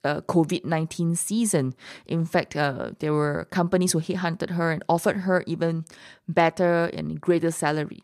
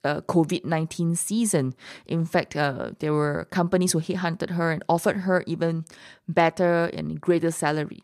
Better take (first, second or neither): neither